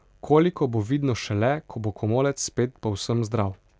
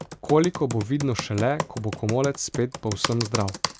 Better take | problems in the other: first | background sound (Computer keyboard); 8 dB below the speech

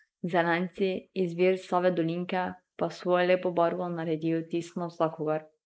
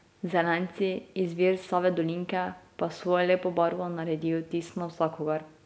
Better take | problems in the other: second | noise reduction (neural mask model Resemble Enhance denoiser)

